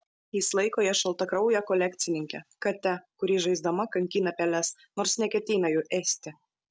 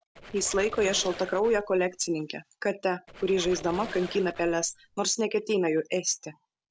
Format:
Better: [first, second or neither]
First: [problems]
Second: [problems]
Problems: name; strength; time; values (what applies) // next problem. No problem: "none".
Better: first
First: none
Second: background sound (Squeak); 14 dB below the speech